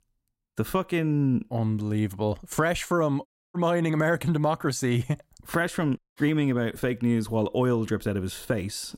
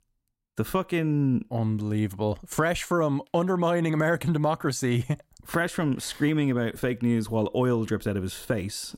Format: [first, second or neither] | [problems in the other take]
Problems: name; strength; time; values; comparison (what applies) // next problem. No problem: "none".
second | audio cutting out; at 3.5 s and at 6 s